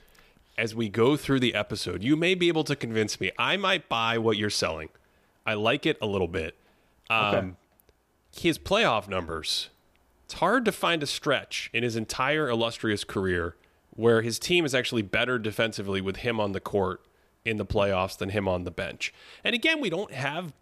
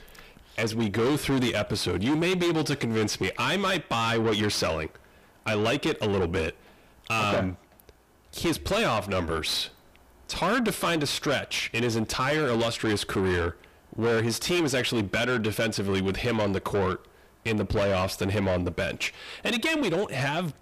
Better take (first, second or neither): first